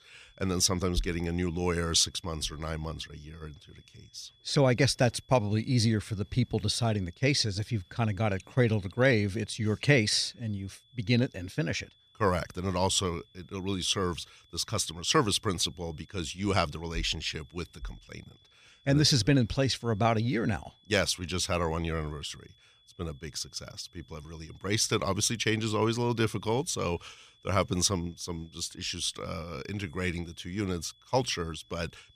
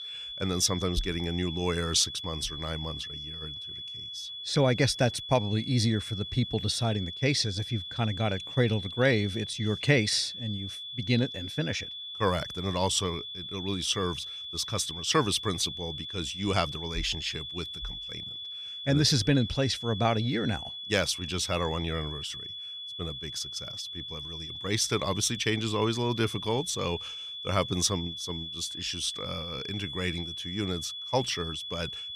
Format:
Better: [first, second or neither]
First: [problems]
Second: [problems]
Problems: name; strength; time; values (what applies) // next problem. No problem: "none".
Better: first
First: high-pitched whine; faint; throughout; 3.5 kHz, 30 dB below the speech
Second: high-pitched whine; loud; throughout; 3.5 kHz, 7 dB below the speech